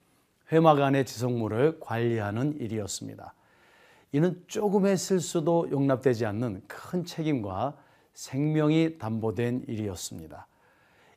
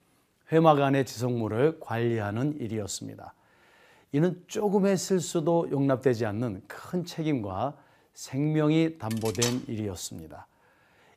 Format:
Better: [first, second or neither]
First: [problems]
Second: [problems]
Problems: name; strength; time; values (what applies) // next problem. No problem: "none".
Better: first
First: none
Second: clattering dishes; noticeable; at 9 s; peak 3 dB below the speech